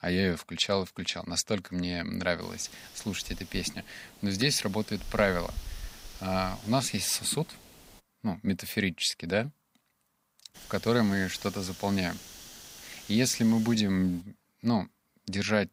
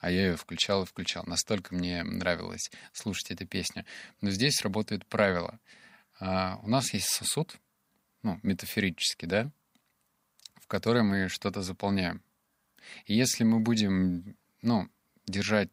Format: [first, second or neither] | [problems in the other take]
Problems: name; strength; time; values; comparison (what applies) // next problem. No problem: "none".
second | hiss; noticeable; from 2.5 to 8 s and from 11 to 14 s; 15 dB below the speech